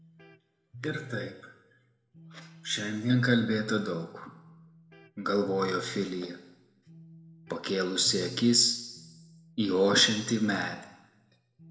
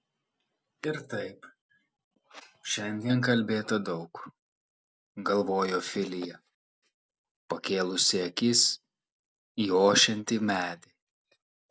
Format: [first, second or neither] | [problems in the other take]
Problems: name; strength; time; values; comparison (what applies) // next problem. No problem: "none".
second | background sound (Electric guitar); 19 dB below the speech // room echo; dies away in 0.8 s